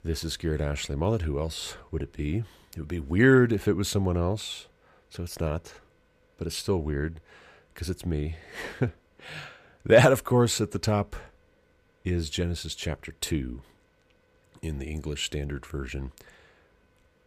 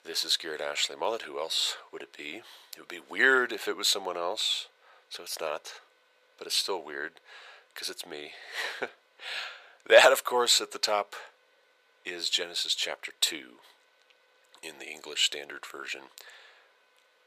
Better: first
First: none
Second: thin; very; fading below 600 Hz

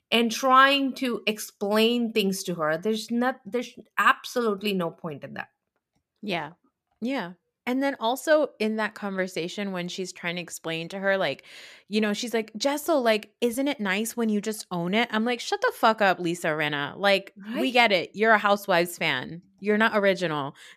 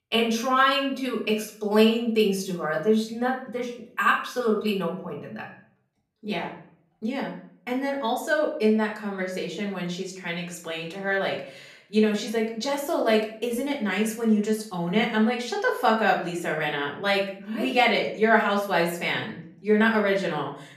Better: first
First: none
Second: room echo; slight; dies away in 0.5 s // off-mic speech; far

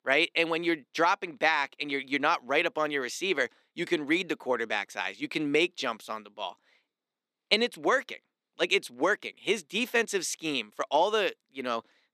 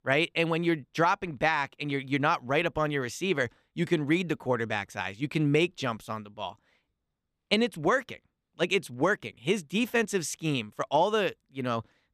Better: second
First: thin; very slightly; fading below 300 Hz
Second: none

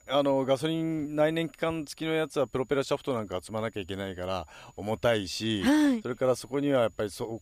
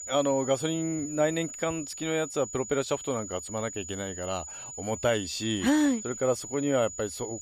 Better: first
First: high-pitched whine; faint; throughout; 7 kHz, 35 dB below the speech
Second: high-pitched whine; loud; throughout; 7 kHz, 9 dB below the speech

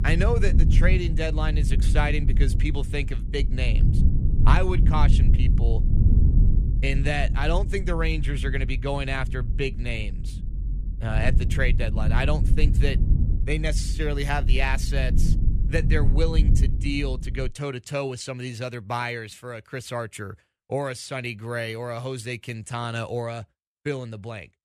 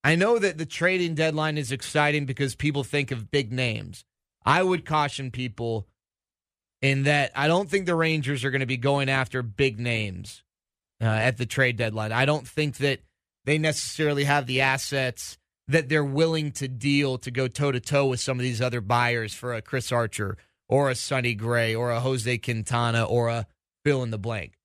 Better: second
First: low rumble; loud; until 17 s; 9 dB below the speech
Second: none

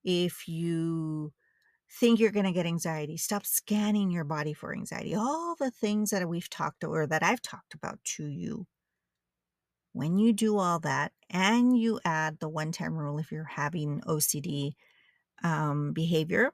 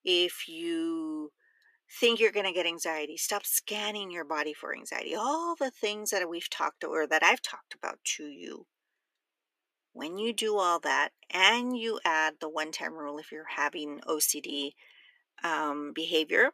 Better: first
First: none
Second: thin; very; fading below 300 Hz

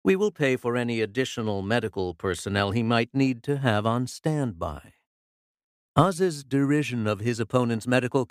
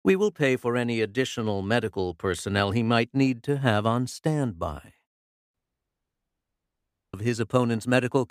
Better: first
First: none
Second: audio cutting out; at 5.5 s for 1.5 s

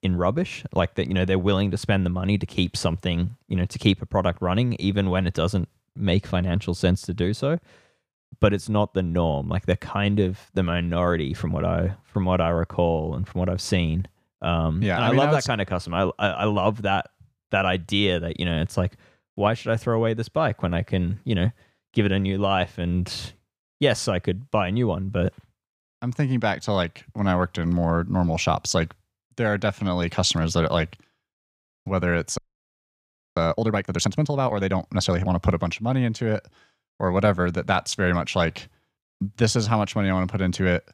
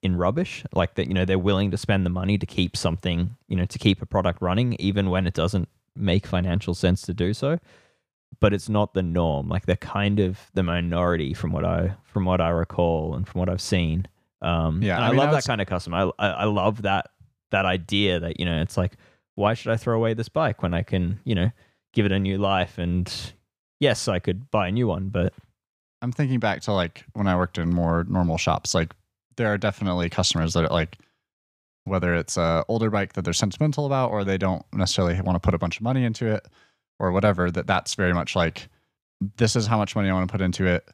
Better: second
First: audio freezing; at 32 s for 1 s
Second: none

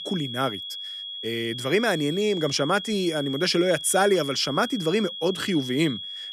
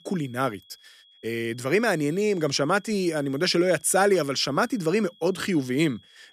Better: second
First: high-pitched whine; loud; throughout; 3.5 kHz, 8 dB below the speech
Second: high-pitched whine; faint; throughout; 3.5 kHz, 30 dB below the speech

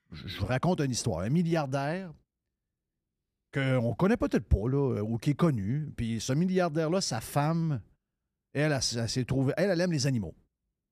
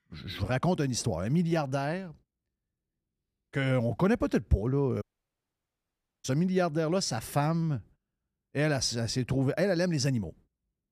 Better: first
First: none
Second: audio cutting out; at 5 s for 1 s

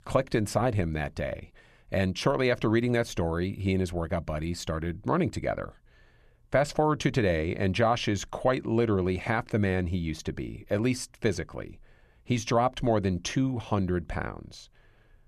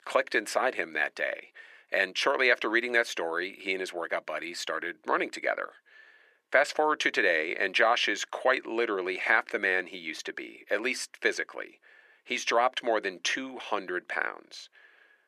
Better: first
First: none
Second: thin; very; fading below 350 Hz

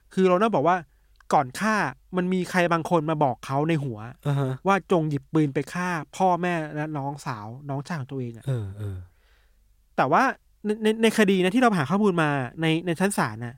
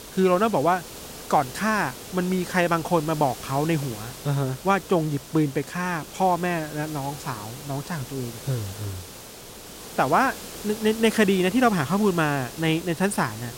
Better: first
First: none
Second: hiss; noticeable; throughout; 15 dB below the speech

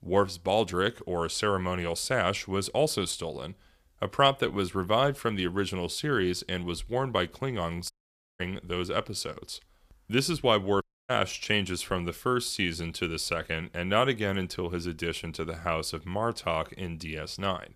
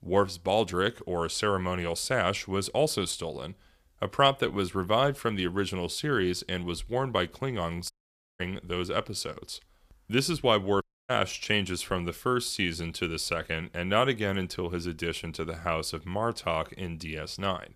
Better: neither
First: audio cutting out; at 8 s and at 11 s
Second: audio cutting out; at 8 s and at 11 s

